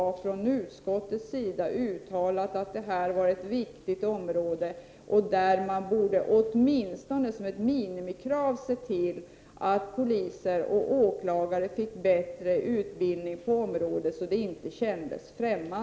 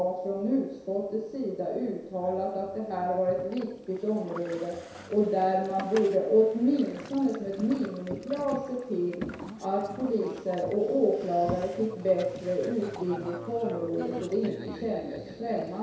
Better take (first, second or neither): first